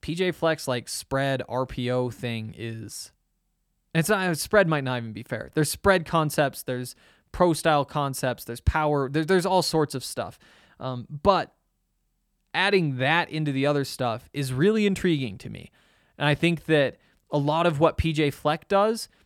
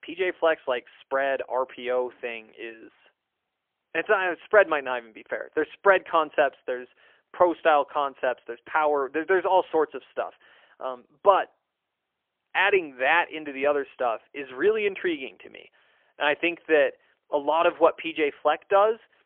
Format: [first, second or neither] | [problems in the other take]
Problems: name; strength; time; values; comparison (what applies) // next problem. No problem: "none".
first | phone-call audio; poor line; nothing above 3 kHz